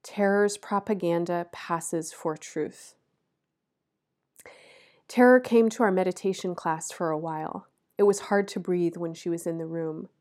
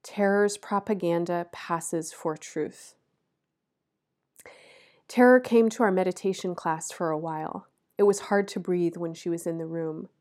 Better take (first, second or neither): neither